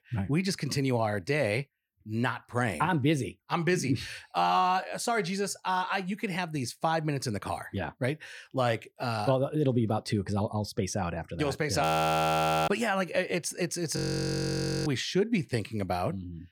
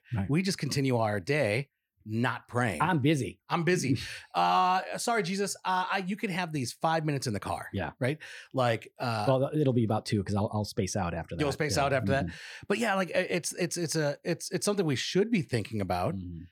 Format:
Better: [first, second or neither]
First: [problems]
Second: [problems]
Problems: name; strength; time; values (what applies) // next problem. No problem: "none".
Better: second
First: audio freezing; at 12 s for 1 s and at 14 s for 1 s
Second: none